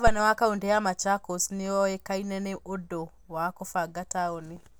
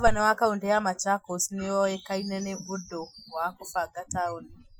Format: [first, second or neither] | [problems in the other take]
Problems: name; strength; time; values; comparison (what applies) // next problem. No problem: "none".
first | noise reduction (classical method Wiener filter)